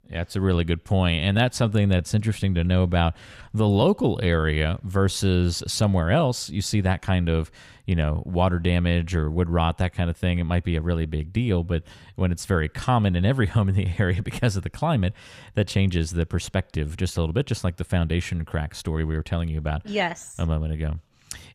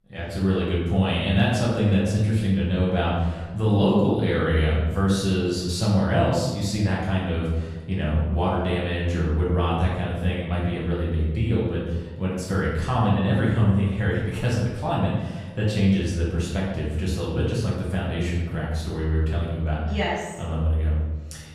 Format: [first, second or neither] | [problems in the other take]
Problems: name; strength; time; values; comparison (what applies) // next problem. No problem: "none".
first | room echo; noticeable; dies away in 1 s // off-mic speech; far